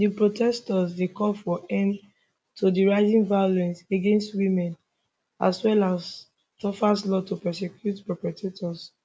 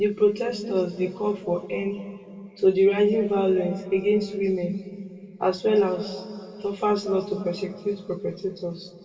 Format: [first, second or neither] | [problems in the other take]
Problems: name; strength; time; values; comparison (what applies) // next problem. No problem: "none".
first | room echo; dies away in 2.2 s